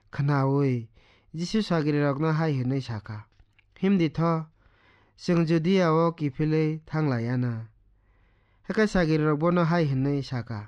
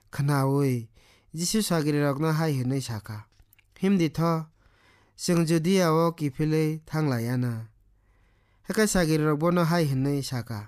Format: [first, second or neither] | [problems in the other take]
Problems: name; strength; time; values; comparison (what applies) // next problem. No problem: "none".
second | muffled; slightly; fading above 4 kHz